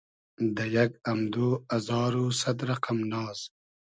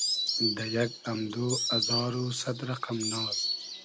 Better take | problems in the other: first | background sound (Insect); as loud as the speech

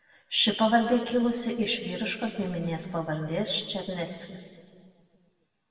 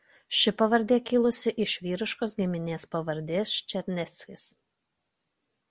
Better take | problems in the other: second | room echo; dies away in 2.1 s

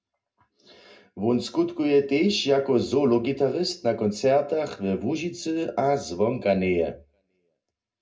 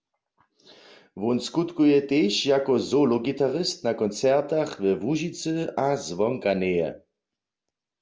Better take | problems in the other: second | room echo; dies away in 0.2 s

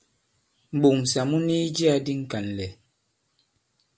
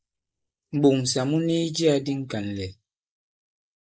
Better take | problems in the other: first | noise reduction (neural mask model Resemble Enhance denoiser)

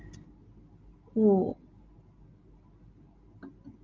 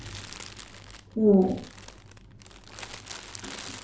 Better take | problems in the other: first | background sound (Crumpling, crinkling); 15 dB below the speech // room echo; dies away in 0.3 s

